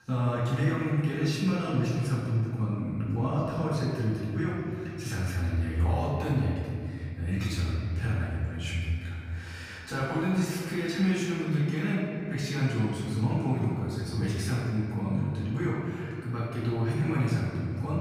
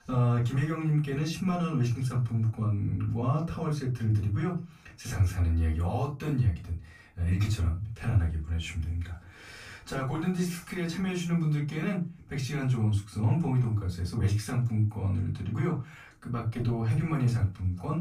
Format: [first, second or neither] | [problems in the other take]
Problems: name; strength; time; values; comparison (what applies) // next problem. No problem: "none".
second | room echo; strong; dies away in 2.2 s; slight in the second // off-mic speech; far; far in the second